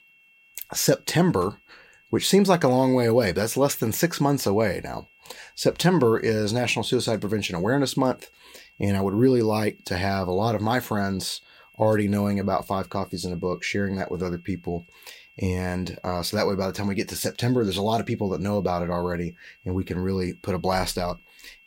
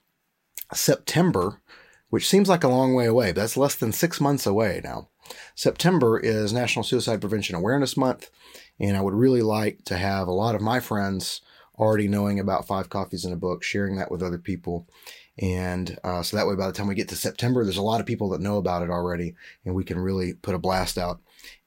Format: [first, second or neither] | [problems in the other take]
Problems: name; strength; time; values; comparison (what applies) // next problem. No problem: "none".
second | high-pitched whine; faint; throughout; 2.5 kHz, 30 dB below the speech